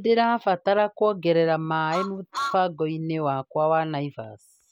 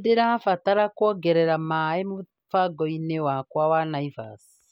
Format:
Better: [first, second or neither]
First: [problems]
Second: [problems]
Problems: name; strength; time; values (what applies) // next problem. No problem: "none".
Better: second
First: background sound (Truck); 10 dB below the speech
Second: none